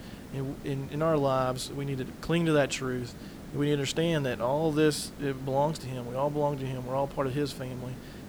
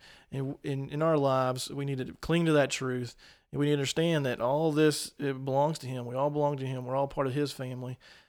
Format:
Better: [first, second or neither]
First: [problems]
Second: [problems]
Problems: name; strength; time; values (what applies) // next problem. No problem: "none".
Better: second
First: hiss; noticeable; throughout; 15 dB below the speech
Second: none